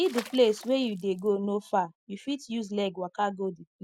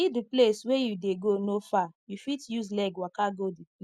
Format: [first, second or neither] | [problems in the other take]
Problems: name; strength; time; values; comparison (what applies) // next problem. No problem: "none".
second | background sound (Water / Splash, splatter); 16 dB below the speech